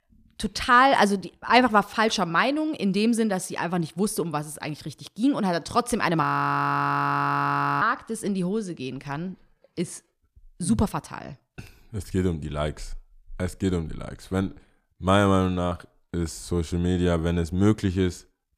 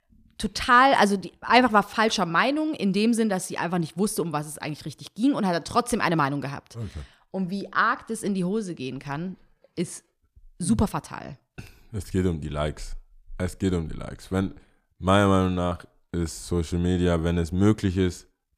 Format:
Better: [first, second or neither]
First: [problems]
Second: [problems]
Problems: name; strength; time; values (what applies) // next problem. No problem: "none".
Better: second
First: audio freezing; at 6 s for 1.5 s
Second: none